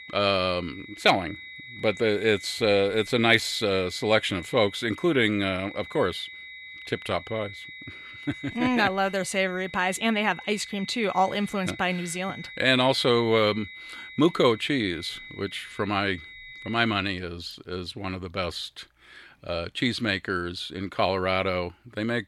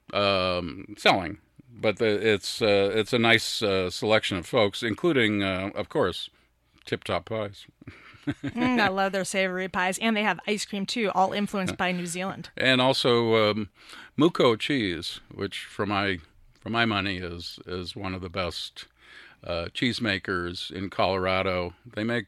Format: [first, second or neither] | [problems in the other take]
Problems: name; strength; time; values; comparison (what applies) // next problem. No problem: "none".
second | high-pitched whine; noticeable; until 17 s; 2 kHz, 15 dB below the speech